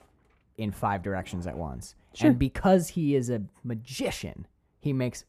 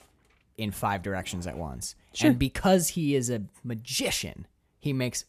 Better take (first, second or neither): second